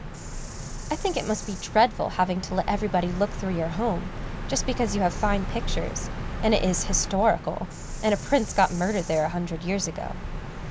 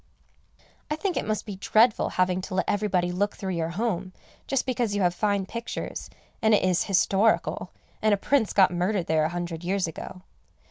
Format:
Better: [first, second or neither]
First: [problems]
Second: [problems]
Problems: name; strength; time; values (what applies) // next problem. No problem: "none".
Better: second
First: background sound (Bird vocalization, bird call, bird song); 6 dB below the speech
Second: none